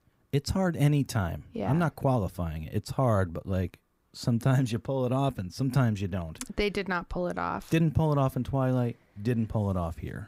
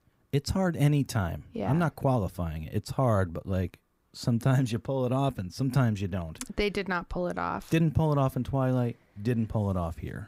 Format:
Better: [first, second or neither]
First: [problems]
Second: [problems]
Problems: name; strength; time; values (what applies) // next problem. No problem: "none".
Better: neither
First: none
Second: none